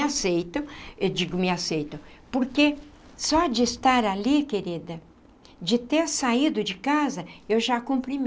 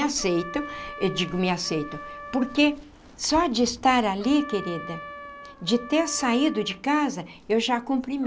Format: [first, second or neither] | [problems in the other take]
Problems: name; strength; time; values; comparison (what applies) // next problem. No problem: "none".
first | background sound (Trumpet); 16 dB below the speech